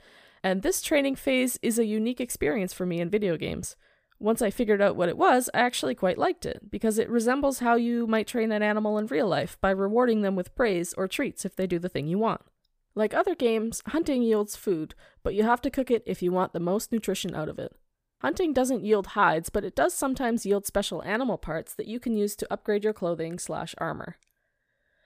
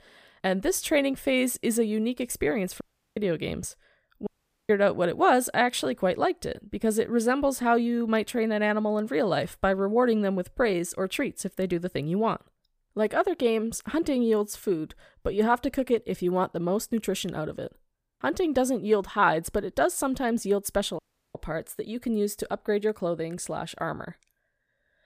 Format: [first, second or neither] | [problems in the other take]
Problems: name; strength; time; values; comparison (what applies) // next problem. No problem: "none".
first | audio cutting out; at 3 s, at 4.5 s and at 21 s